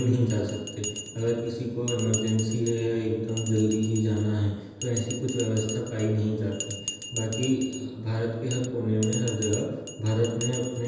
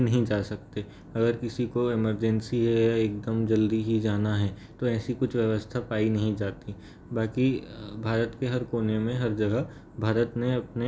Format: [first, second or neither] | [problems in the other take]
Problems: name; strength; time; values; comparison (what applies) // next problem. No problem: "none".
second | background sound (Bell); 12 dB below the speech // room echo; dies away in 1.1 s